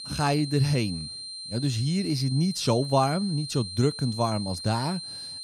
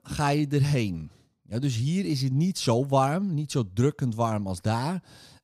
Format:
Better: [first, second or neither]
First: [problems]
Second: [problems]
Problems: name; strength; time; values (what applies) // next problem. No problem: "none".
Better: second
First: high-pitched whine; loud; throughout; 4 kHz, 9 dB below the speech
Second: none